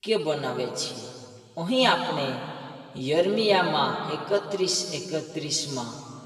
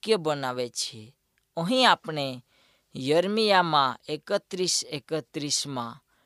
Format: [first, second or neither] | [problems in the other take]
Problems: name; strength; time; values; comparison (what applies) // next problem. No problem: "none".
second | room echo; noticeable; dies away in 2.1 s // off-mic speech; far